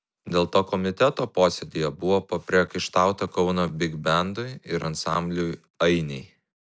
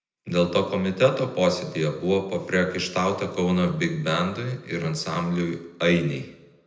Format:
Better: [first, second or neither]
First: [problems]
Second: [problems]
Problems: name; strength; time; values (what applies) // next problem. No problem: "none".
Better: first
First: none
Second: room echo; dies away in 0.8 s